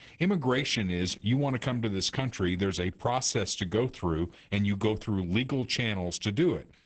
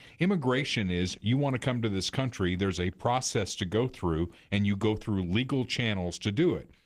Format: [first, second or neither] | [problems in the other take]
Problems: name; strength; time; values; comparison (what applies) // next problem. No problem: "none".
second | garbled, watery; badly; nothing above 7.5 kHz; slightly in the second